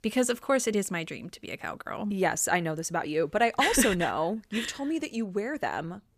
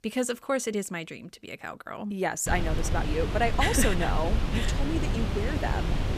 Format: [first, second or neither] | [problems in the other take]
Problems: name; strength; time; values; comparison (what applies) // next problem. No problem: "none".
first | wind noise on the microphone; heavy; from 2.5 s on; 6 dB below the speech